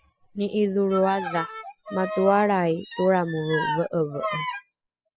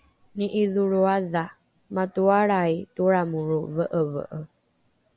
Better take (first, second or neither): second